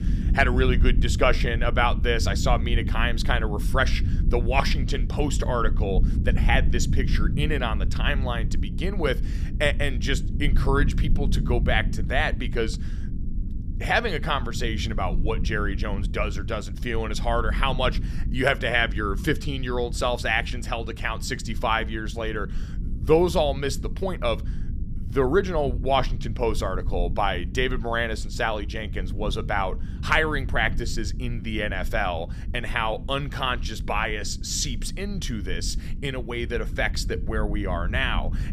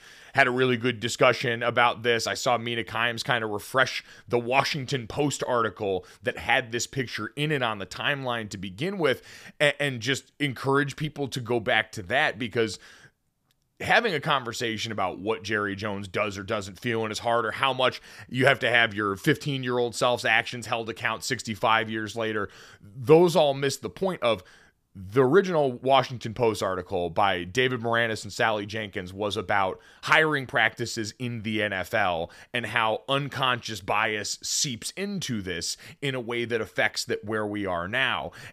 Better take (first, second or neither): second